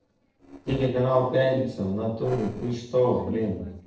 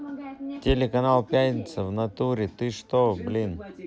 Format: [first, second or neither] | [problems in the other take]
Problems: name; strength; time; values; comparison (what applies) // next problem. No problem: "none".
second | noise reduction (neural separator model SepFormer DNS4)